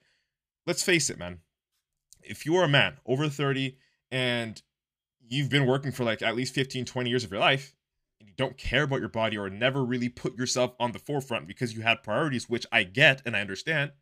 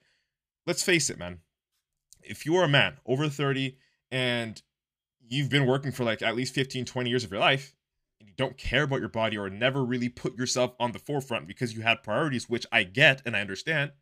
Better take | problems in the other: neither | none

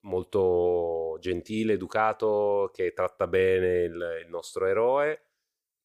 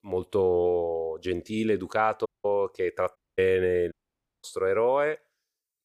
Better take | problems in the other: first | audio cutting out; at 2.5 s, at 3 s and at 4 s for 0.5 s

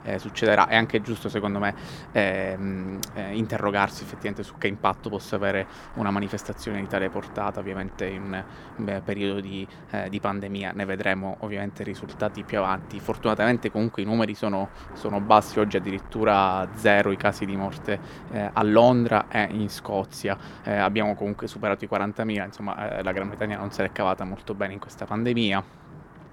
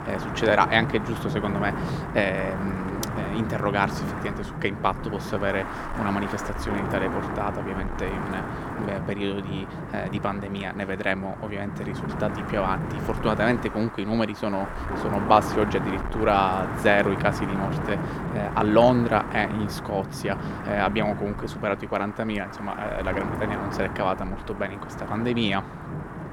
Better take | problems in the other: first | wind noise on the microphone; heavy; 7 dB below the speech; occasional gusts in the first

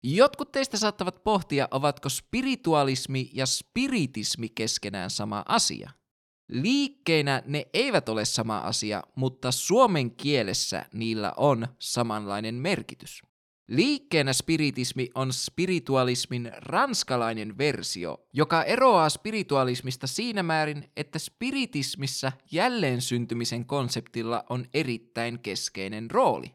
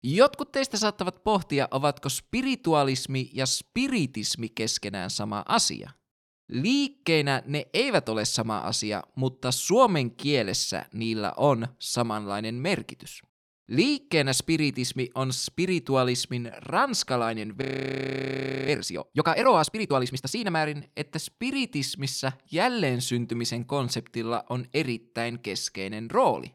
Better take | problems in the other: first | audio freezing; at 18 s for 1 s

